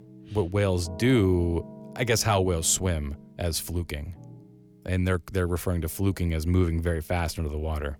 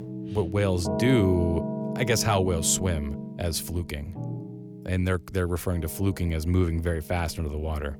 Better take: first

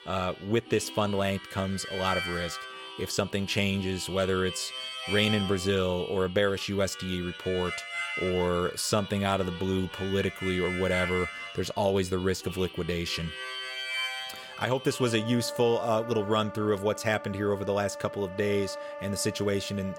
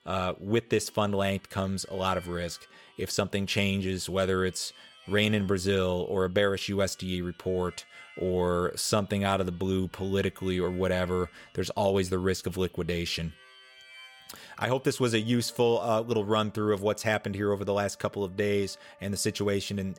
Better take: second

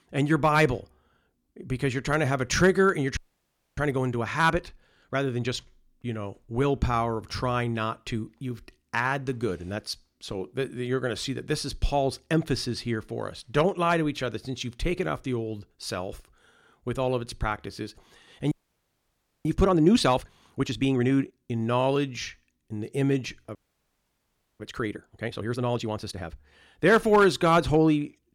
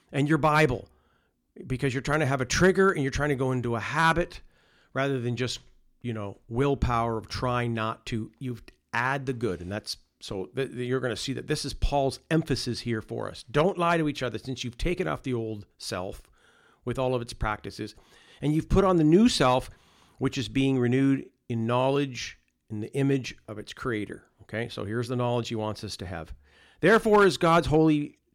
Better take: second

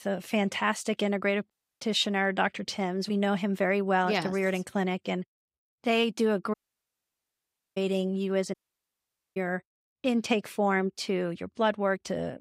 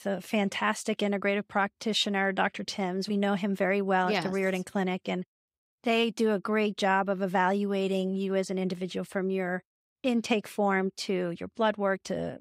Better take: second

